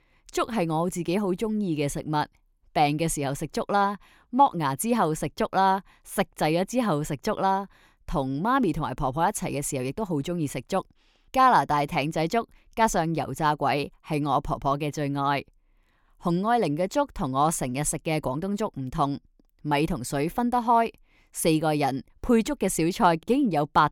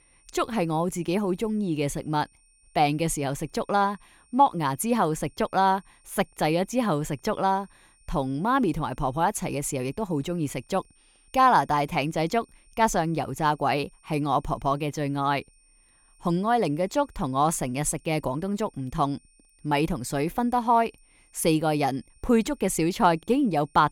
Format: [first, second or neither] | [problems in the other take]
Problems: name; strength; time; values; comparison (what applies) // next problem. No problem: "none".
first | high-pitched whine; faint; throughout; 9 kHz, 35 dB below the speech